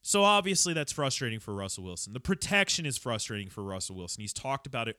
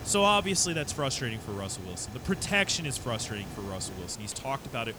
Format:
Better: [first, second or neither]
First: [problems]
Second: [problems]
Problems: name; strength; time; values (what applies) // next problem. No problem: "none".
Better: first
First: none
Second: hiss; noticeable; throughout; 15 dB below the speech